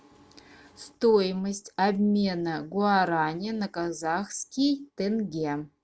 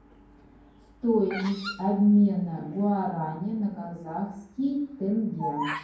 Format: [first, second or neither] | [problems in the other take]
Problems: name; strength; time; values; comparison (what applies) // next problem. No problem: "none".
first | background sound (Bird vocalization, bird call, bird song); 14 dB below the speech // room echo; dies away in 0.9 s